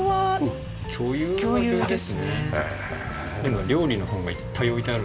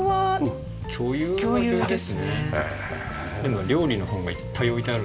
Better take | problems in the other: second | background sound (Bus); 17 dB below the speech

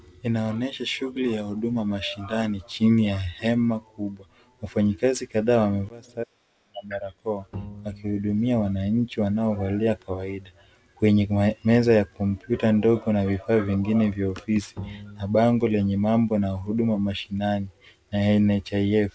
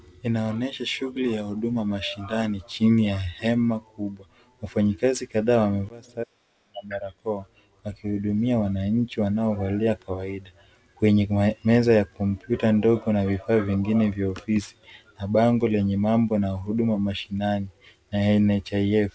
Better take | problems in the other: second | background sound (Bowed string instrument); 17 dB below the speech

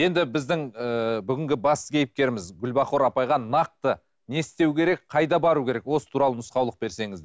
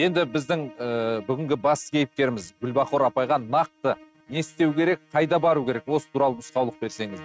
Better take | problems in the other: first | noise reduction (neural mask model RNNoise)

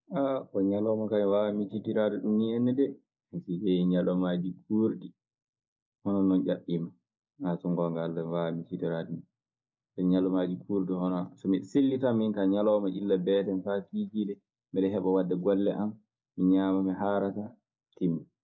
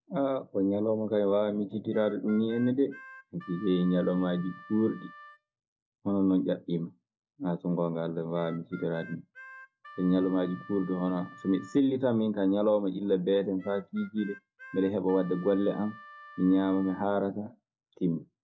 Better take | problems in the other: first | background sound (Harmonica); 20 dB below the speech

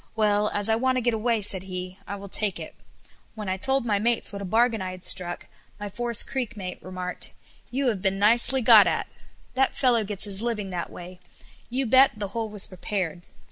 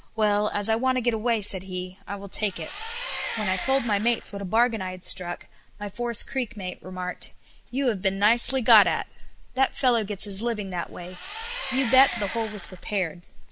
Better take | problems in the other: first | background sound (Engine); 9 dB below the speech

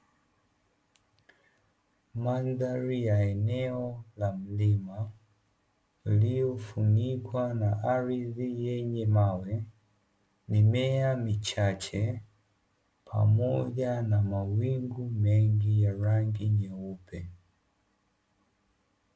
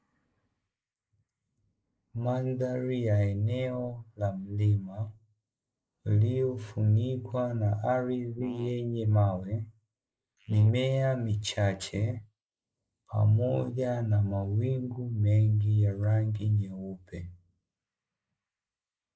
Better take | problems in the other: first | noise reduction (neural mask model Resemble Enhance denoiser)

